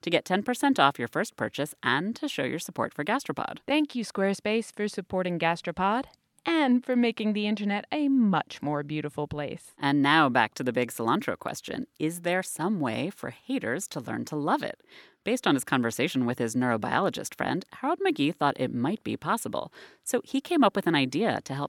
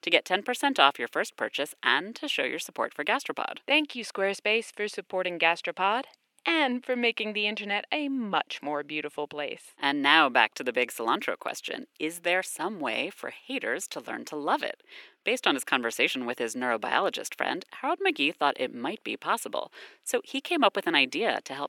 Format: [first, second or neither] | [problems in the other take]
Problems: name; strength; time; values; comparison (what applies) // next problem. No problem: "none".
first | thin; somewhat; fading below 400 Hz